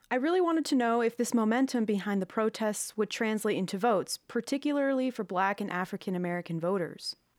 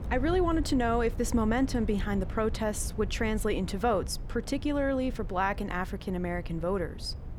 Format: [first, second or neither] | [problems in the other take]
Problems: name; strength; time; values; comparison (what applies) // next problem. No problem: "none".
first | wind noise on the microphone; occasional gusts; 20 dB below the speech